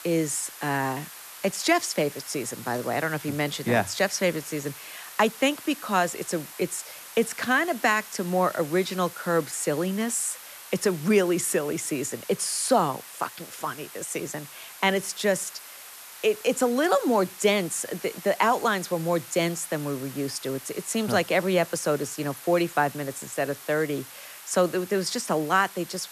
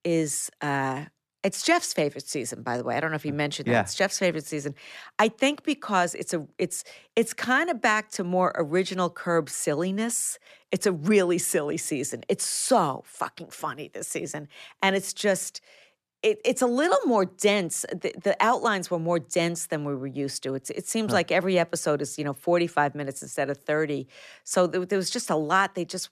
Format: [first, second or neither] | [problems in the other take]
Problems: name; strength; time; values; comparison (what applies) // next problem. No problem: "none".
second | hiss; noticeable; throughout; 15 dB below the speech